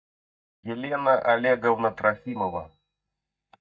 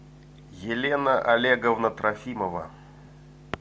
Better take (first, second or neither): second